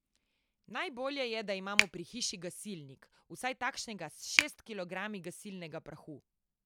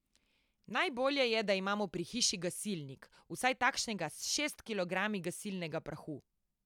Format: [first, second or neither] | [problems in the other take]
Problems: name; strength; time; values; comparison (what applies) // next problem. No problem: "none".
second | background sound (Finger snapping); 2 dB above the speech